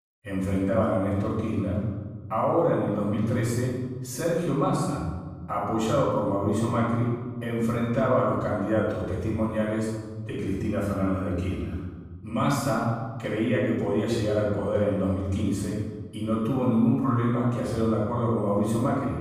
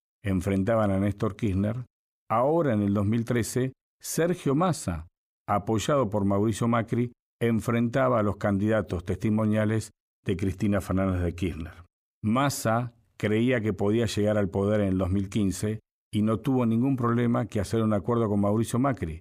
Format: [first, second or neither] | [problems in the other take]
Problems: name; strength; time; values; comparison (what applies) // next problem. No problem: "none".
second | room echo; strong; dies away in 1.3 s // off-mic speech; far